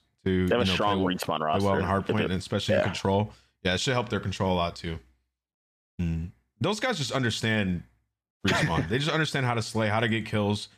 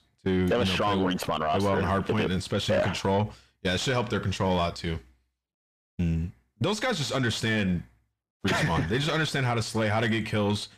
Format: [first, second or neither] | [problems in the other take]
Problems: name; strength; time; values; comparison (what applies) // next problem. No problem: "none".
first | distortion; slight; 10 dB below the speech